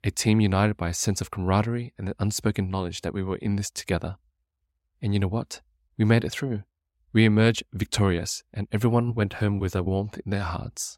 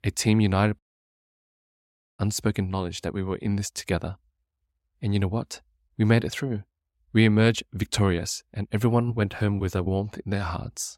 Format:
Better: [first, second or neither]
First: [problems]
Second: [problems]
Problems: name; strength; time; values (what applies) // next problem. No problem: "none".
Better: first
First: none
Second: audio cutting out; at 1 s for 1.5 s